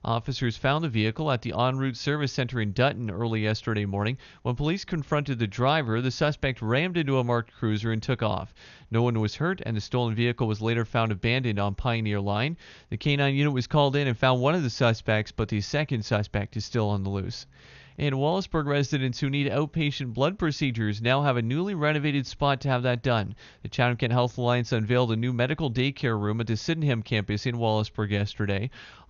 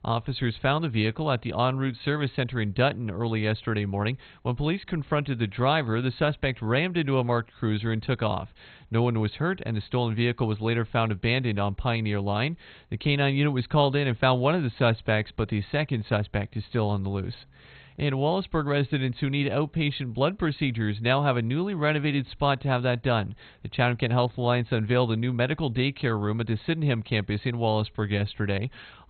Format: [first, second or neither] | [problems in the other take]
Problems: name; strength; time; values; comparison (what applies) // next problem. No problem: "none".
first | garbled, watery; badly; nothing above 4 kHz; slightly in the first